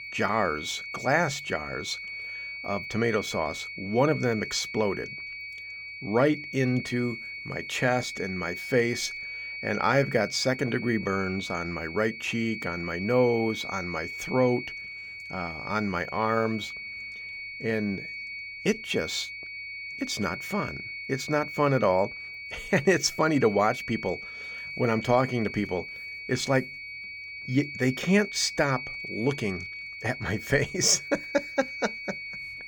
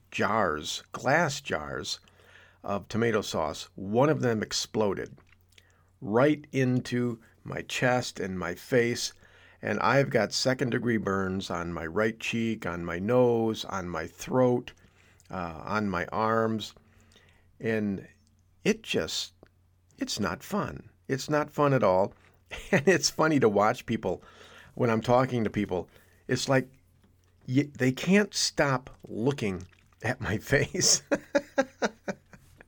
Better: second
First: high-pitched whine; loud; throughout; 2.5 kHz, 8 dB below the speech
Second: none

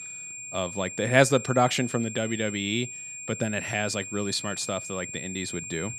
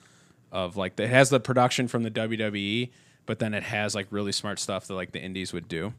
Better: second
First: high-pitched whine; loud; throughout; 7.5 kHz, 9 dB below the speech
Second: none

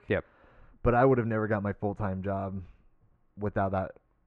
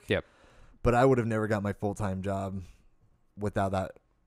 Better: second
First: muffled; very; fading above 2 kHz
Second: none

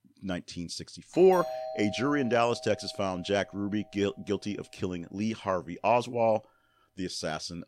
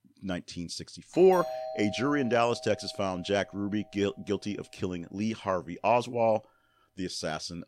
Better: neither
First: doorbell; noticeable; from 1 to 4 s; peak 7 dB below the speech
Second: doorbell; noticeable; from 1 to 4 s; peak 7 dB below the speech

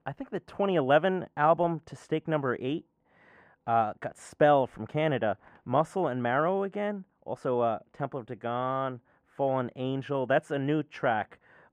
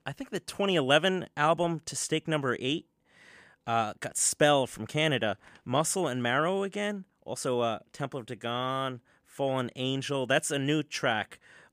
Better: second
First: muffled; very; fading above 3 kHz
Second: none

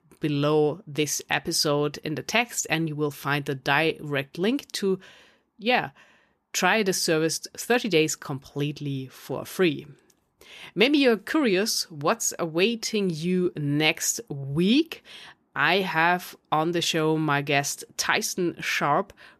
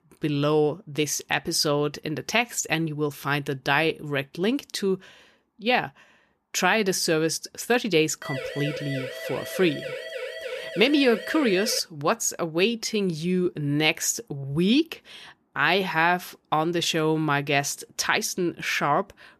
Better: first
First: none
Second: siren; noticeable; from 8 to 12 s; peak 8 dB below the speech

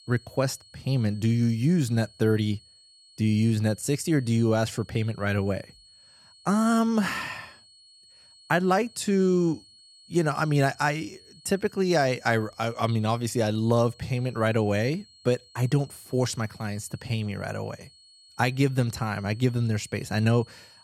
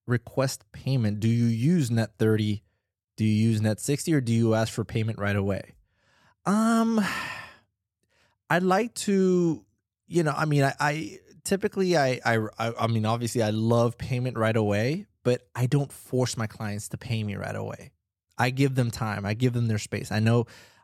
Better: second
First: high-pitched whine; faint; throughout; 4.5 kHz, 25 dB below the speech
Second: none

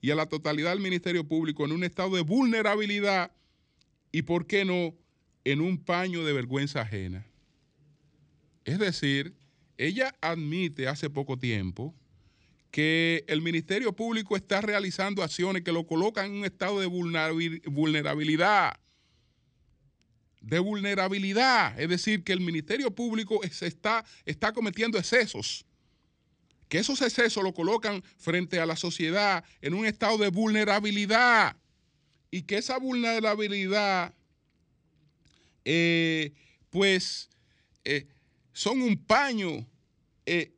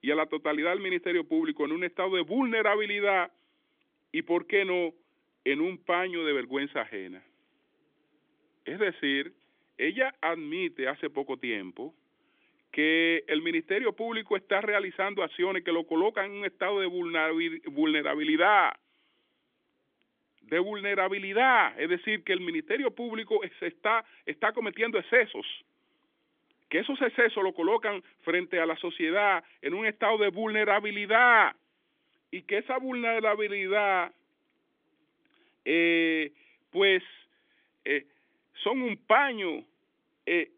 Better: first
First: none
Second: phone-call audio; nothing above 3.5 kHz

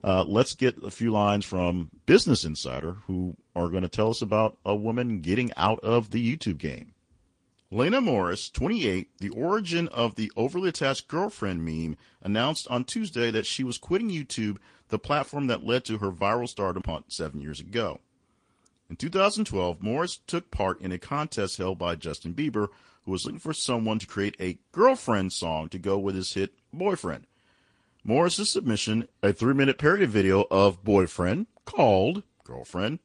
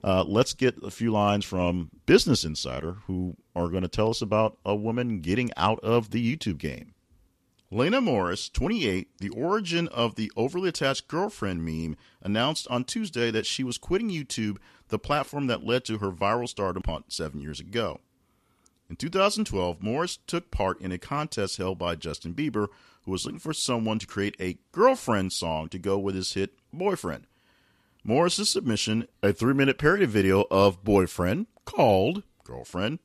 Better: second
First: garbled, watery; slightly; nothing above 10 kHz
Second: none

